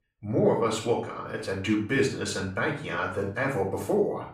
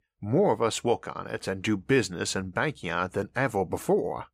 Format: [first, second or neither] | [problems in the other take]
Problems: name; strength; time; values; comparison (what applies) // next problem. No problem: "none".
second | off-mic speech; far // room echo; noticeable; dies away in 0.4 s